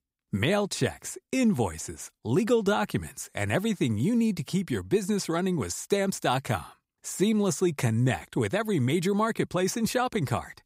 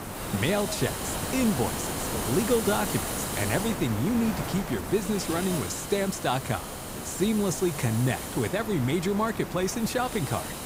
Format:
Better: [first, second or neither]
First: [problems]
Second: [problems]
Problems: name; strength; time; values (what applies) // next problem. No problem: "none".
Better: first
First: none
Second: hiss; loud; throughout; 4 dB below the speech